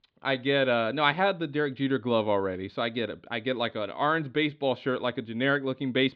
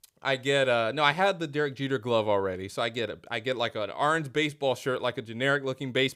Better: second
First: muffled; very slightly; fading above 4 kHz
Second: none

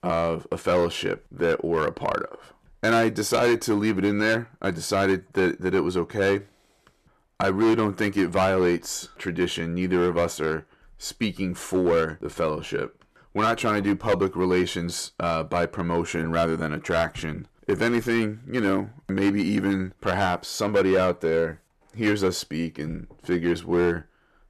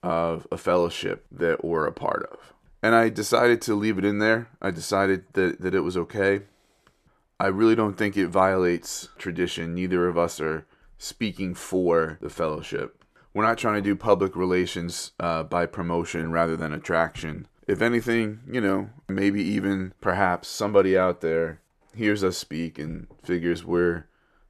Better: second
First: distortion; slight; 5% of the sound clipped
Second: none

